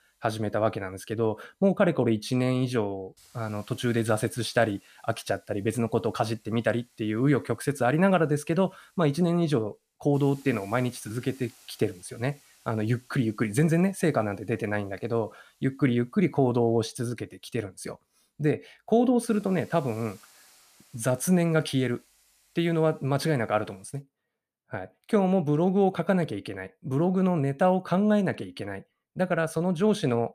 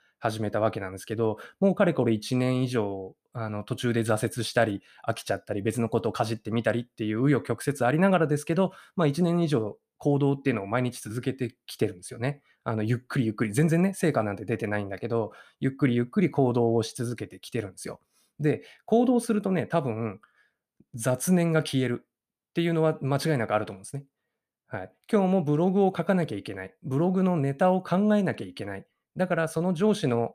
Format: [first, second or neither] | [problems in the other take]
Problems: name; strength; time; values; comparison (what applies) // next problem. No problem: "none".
second | hiss; faint; until 24 s; 30 dB below the speech